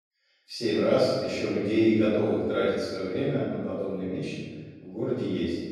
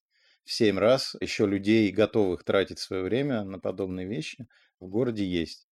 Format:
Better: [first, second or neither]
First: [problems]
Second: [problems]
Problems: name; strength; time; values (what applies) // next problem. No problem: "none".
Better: second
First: room echo; strong; dies away in 1.5 s // off-mic speech; far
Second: none